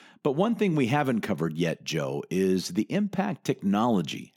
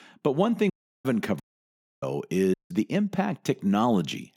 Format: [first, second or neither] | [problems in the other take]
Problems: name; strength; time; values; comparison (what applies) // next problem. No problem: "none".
first | audio cutting out; at 0.5 s, at 1.5 s for 0.5 s and at 2.5 s